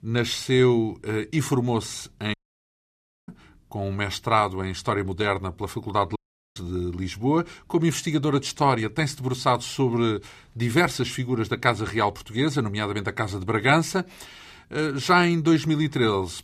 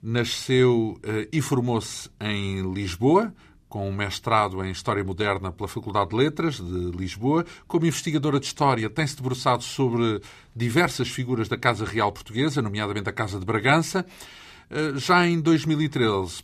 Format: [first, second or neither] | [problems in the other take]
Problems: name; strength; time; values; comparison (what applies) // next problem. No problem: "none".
second | audio cutting out; at 2.5 s for 1 s and at 6 s